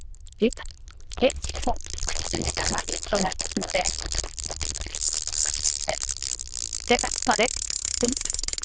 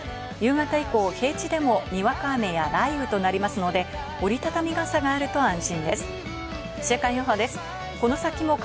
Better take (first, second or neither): second